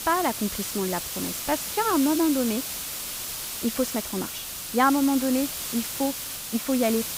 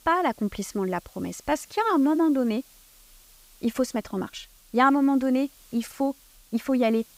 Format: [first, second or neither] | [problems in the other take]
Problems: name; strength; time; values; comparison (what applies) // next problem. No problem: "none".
second | hiss; loud; throughout; 4 dB below the speech; faint in the second